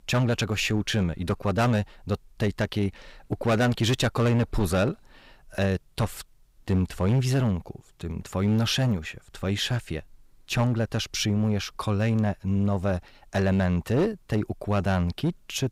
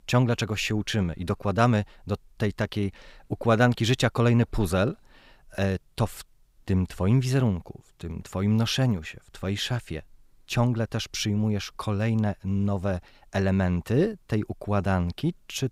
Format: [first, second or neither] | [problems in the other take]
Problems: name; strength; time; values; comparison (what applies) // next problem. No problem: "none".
second | distortion; slight; 8% of the sound clipped